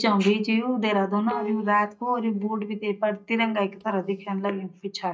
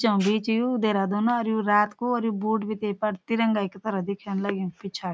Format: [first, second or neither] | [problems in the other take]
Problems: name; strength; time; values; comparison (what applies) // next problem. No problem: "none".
second | noise reduction (neural mask model DeepFilterNet 3)